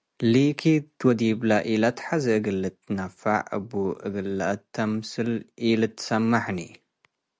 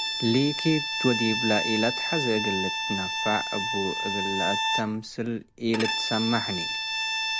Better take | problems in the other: first | background sound (Bowed string instrument); 1 dB below the speech

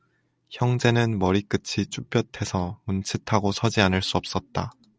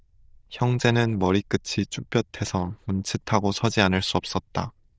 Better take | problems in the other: first | noise reduction (neural diffusion model UNIVERSE++)

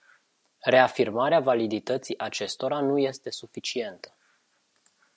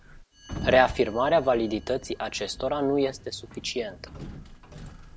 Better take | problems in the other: first | background sound (Sliding door); 14 dB below the speech

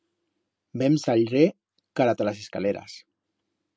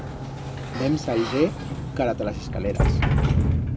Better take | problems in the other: first | background sound (Sliding door); 3 dB above the speech

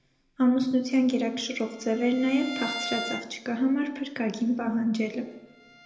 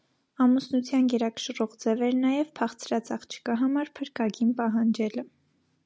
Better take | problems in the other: second | background sound (Bowed string instrument); 14 dB below the speech // room echo; dies away in 0.8 s

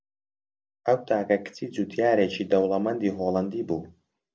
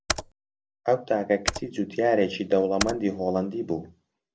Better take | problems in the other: first | background sound (Computer keyboard); 9 dB below the speech

